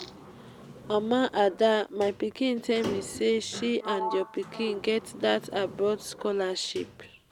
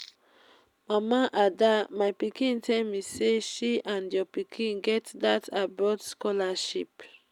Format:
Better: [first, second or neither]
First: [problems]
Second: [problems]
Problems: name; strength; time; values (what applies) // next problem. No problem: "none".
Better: second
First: background sound (Sliding door); 13 dB below the speech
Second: none